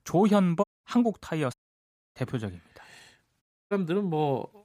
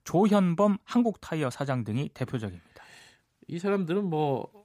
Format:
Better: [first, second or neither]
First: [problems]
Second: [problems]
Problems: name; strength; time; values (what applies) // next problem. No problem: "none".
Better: second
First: audio cutting out; at 0.5 s, at 1.5 s for 0.5 s and at 3.5 s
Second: none